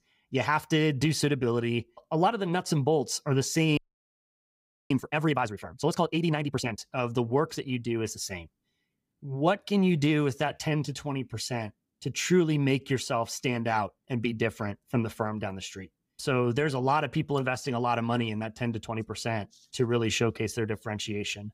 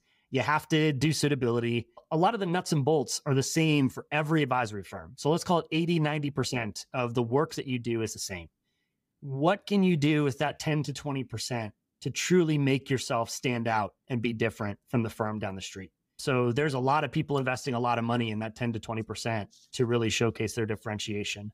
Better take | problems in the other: second | audio freezing; at 4 s for 1 s

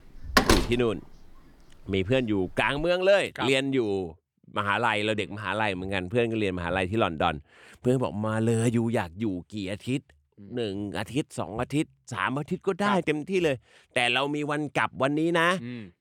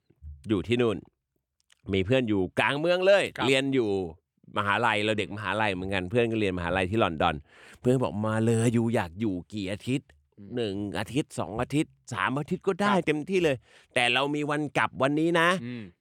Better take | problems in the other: second | door banging; loud; until 3 s; peak 5 dB above the speech

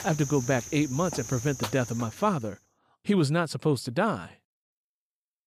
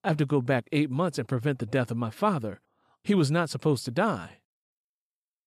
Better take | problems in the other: second | animal sounds; very faint; until 2 s; 10 dB below the speech

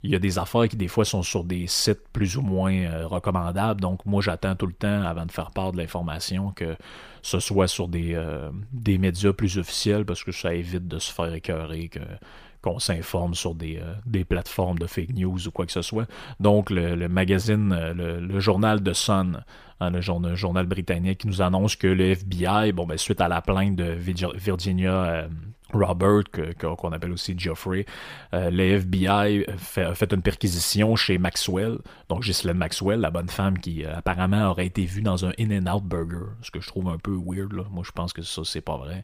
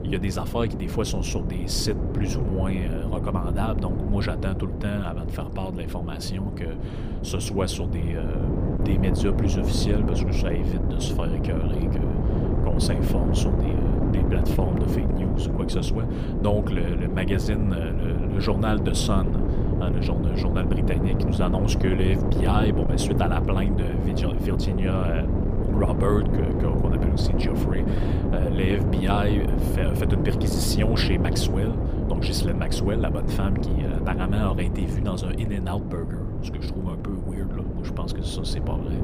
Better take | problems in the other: first | wind noise on the microphone; heavy; 1 dB below the speech

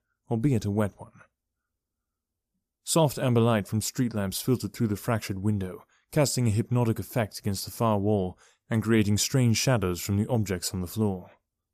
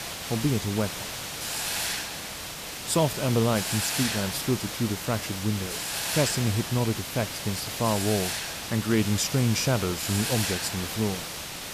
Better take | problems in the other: first | hiss; loud; throughout; 3 dB below the speech

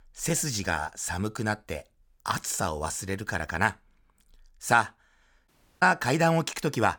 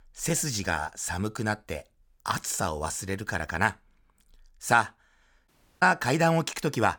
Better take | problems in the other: neither | audio cutting out; at 5.5 s; the same in both

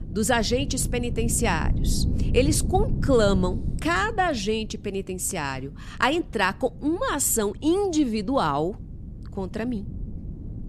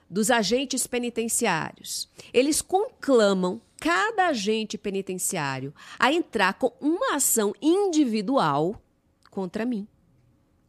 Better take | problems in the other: second | wind noise on the microphone; occasional gusts; 15 dB below the speech

